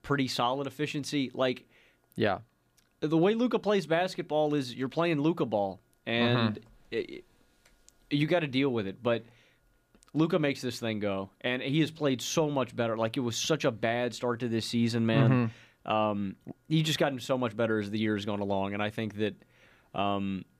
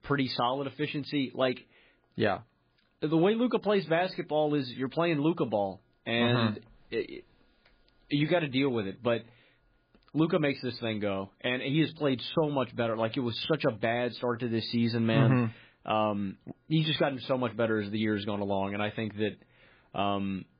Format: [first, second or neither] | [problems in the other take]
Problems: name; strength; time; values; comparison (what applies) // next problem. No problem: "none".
first | garbled, watery; badly; nothing above 4.5 kHz